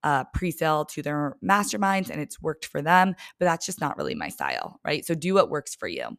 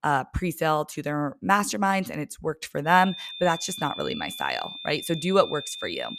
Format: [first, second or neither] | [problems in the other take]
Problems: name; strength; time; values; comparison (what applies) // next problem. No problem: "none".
first | high-pitched whine; loud; from 3 s on; 3.5 kHz, 10 dB below the speech